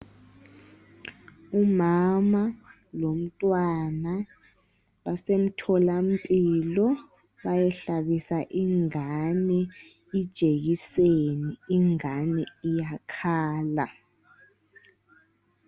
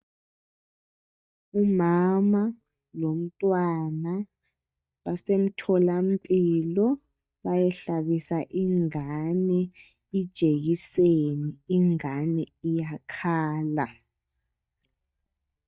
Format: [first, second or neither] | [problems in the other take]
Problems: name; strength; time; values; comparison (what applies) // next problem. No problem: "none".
first | noise reduction (neural mask model DeepFilterNet 3)